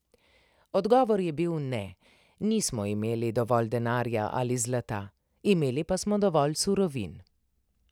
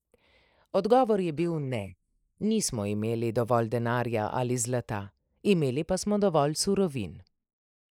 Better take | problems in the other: first | noise reduction (neural mask model Resemble Enhance denoiser)

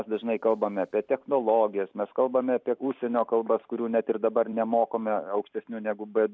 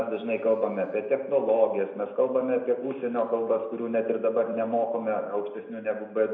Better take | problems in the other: first | room echo; dies away in 0.8 s

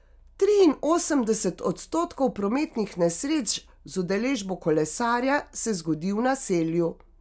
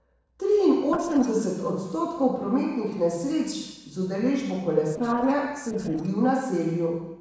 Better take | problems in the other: first | noise reduction (neural separator model SepFormer DNS4)

